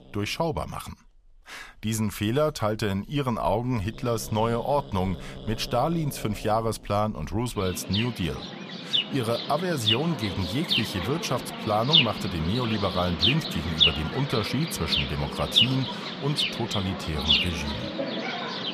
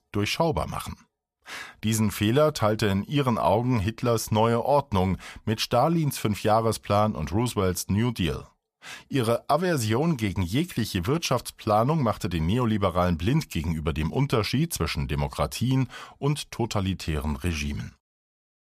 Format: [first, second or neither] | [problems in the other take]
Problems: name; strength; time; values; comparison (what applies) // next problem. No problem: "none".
second | animal sounds; very loud; throughout; 2 dB above the speech